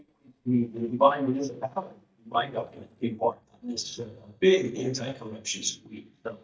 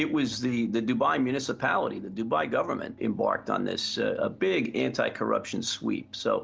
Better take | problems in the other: second | noise reduction (neural mask model DeepFilterNet 3)

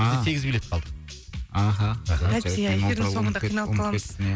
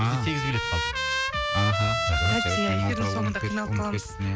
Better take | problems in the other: first | background sound (Trumpet); 3 dB below the speech

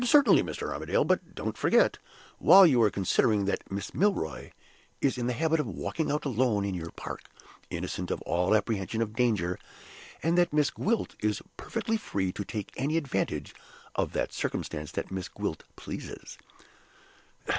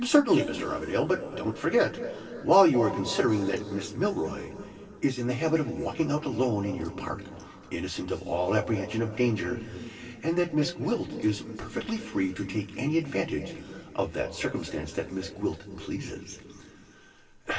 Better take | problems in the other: first | room echo; dies away in 3 s

